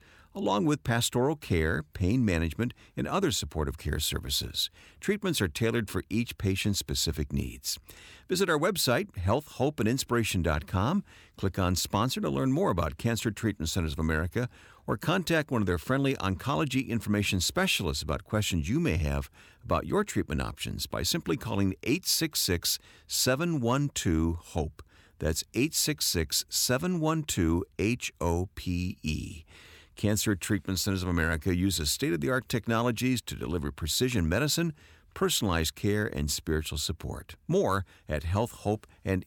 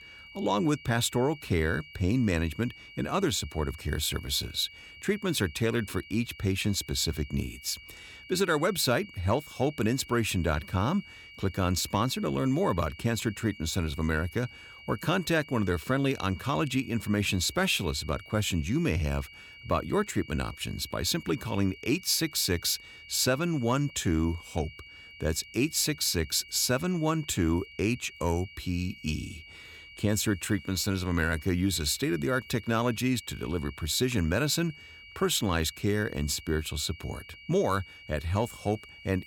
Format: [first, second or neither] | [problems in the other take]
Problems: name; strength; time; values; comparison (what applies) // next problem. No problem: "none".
first | high-pitched whine; noticeable; throughout; 2.5 kHz, 20 dB below the speech